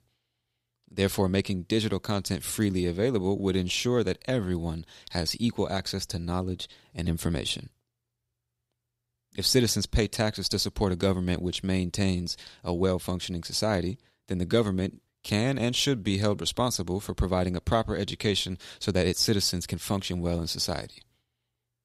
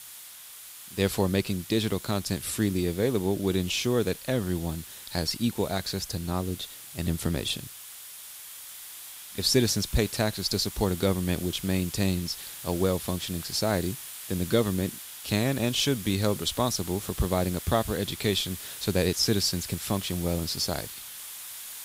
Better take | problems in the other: first | hiss; noticeable; throughout; 10 dB below the speech

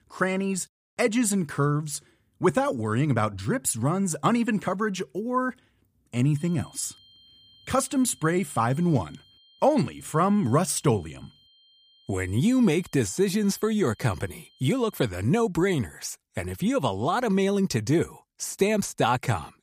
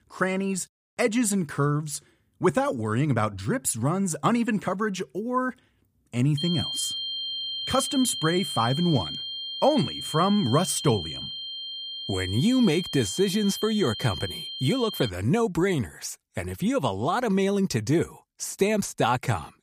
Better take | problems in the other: first | high-pitched whine; loud; from 6.5 to 15 s; 3 kHz, 6 dB below the speech; faint in the first

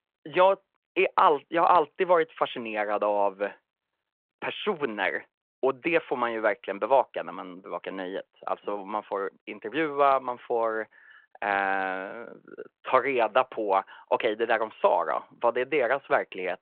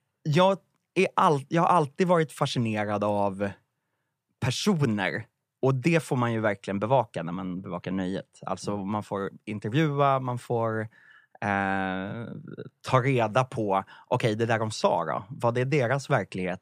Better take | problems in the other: second | phone-call audio

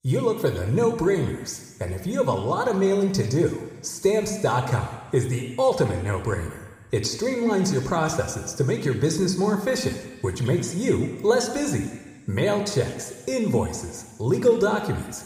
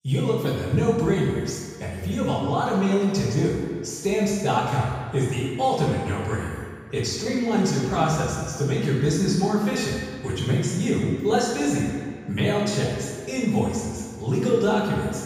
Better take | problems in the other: first | room echo; strong; dies away in 1.6 s; slight in the first // off-mic speech; far

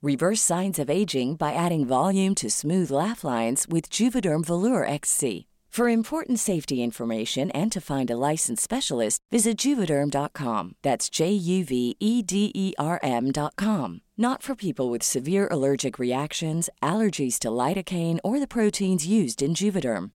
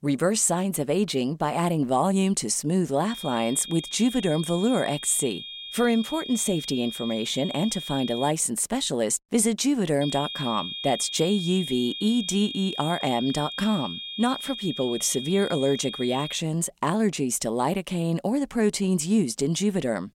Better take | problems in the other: first | high-pitched whine; loud; from 3 to 8.5 s and from 10 to 16 s; 3.5 kHz, 9 dB below the speech

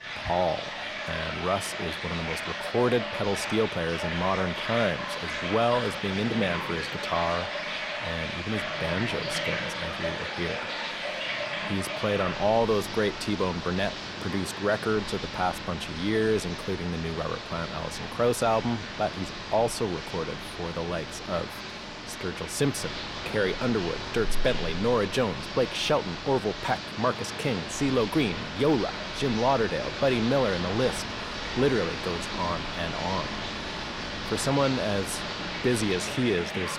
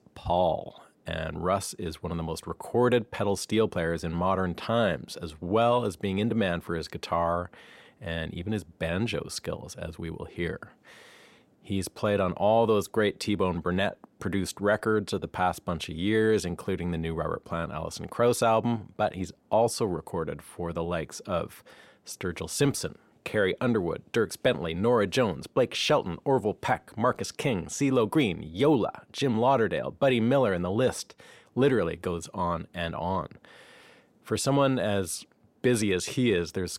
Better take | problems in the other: second | rain or running water; loud; throughout; 4 dB below the speech

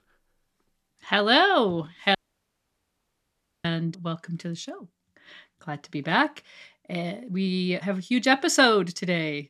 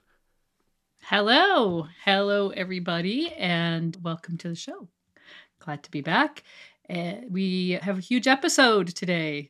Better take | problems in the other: second | audio cutting out; at 2 s for 1.5 s

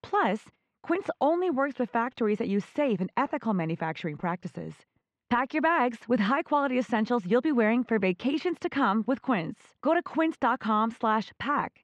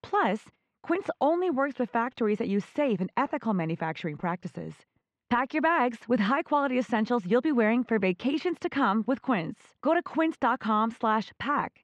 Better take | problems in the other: neither | muffled; very; fading above 3 kHz; the same in both

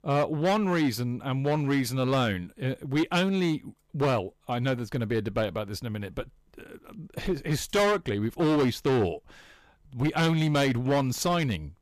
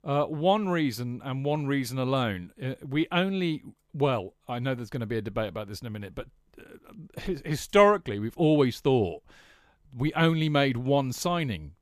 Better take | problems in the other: second | distortion; heavy; 10% of the sound clipped

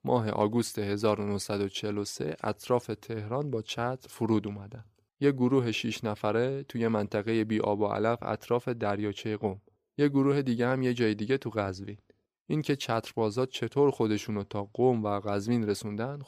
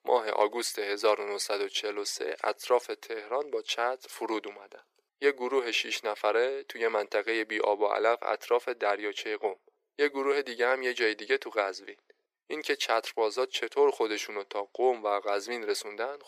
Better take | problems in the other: first | thin; very; fading below 400 Hz

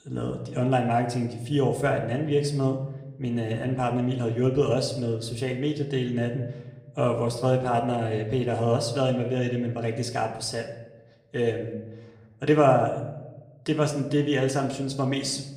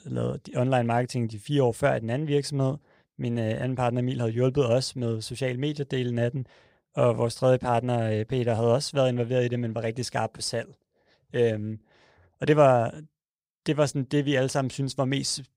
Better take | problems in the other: second | room echo; slight; dies away in 0.7 s // off-mic speech; somewhat distant

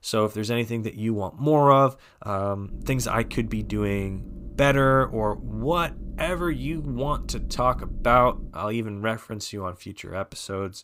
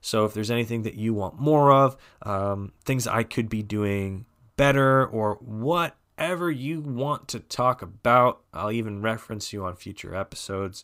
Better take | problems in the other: second | low rumble; faint; from 2.5 to 8.5 s; 25 dB below the speech

